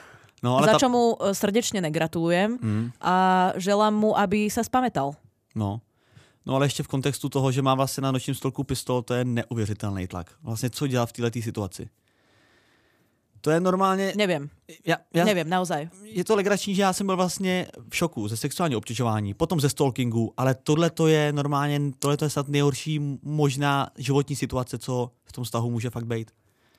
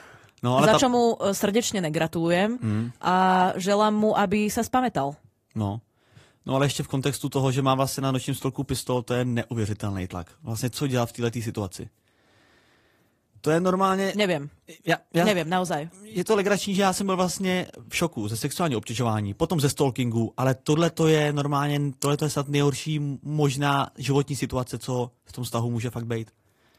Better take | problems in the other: first | garbled, watery; slightly; nothing above 14.5 kHz

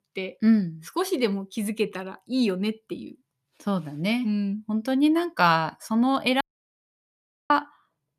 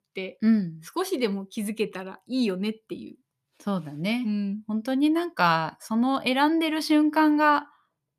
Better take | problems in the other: second | audio cutting out; at 6.5 s for 1 s

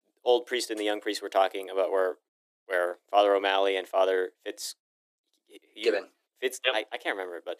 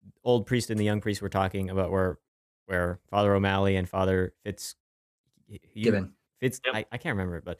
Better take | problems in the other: second | thin; very; fading below 300 Hz

